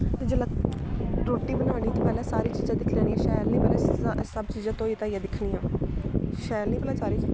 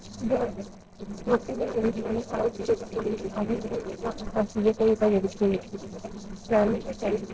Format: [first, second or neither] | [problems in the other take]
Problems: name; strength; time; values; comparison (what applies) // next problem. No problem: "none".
first | noise reduction (neural separator model SepFormer DNS4)